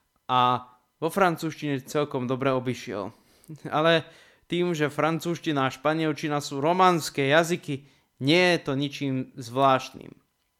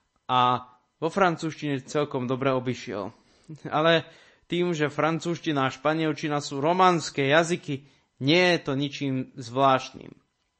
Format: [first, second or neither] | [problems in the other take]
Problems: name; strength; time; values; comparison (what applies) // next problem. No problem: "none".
first | garbled, watery; slightly; nothing above 8 kHz